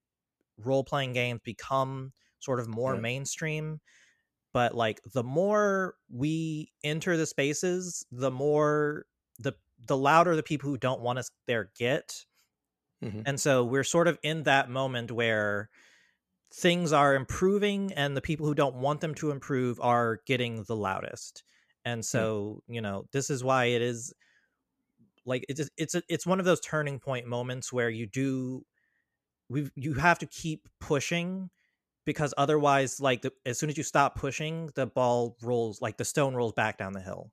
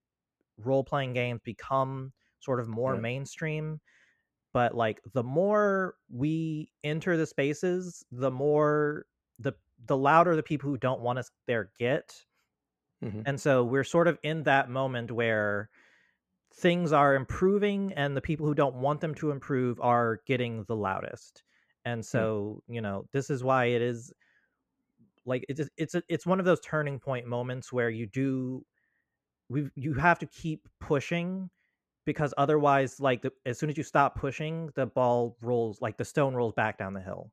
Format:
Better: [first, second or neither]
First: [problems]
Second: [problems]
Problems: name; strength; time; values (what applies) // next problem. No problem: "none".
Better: first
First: none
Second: muffled; slightly; fading above 3 kHz